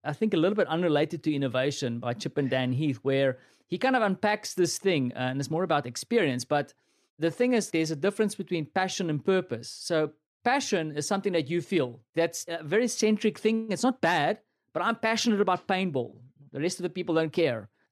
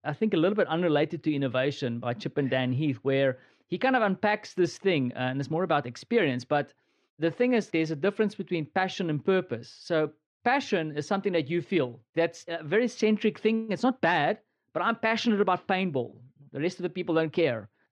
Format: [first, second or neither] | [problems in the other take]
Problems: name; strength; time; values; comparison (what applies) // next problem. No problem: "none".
first | muffled; slightly; fading above 3 kHz